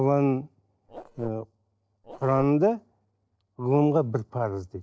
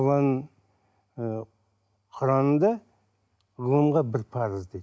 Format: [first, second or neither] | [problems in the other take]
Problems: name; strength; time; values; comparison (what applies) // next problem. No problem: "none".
second | noise reduction (neural separator model SepFormer DNS4)